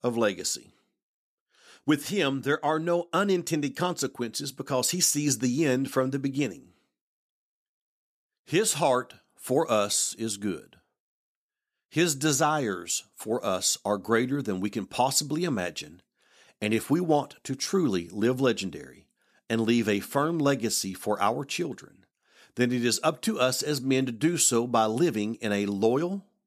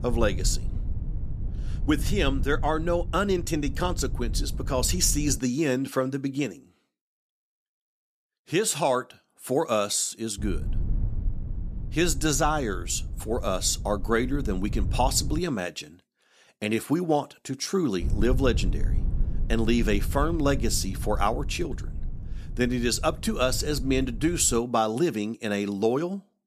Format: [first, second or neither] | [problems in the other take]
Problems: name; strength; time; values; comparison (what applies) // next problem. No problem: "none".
first | low rumble; faint; until 5.5 s, from 10 to 15 s and from 18 to 25 s; 20 dB below the speech